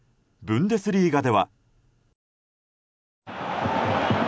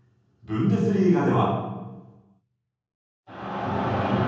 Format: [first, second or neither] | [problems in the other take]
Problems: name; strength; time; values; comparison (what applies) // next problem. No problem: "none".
first | room echo; dies away in 1.3 s